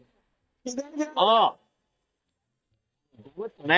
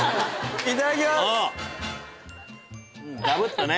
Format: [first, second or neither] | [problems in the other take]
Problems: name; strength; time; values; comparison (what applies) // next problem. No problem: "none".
second | noise reduction (neural mask model DeepFilterNet 3)